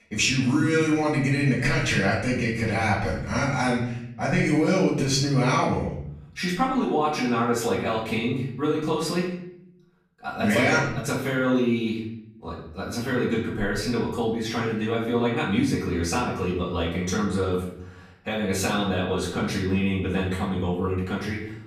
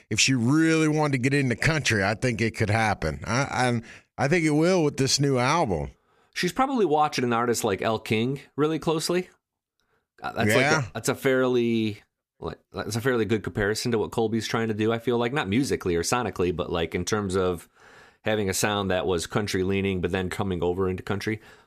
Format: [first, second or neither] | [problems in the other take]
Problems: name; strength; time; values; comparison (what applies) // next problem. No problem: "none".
second | room echo; noticeable; dies away in 0.7 s // off-mic speech; far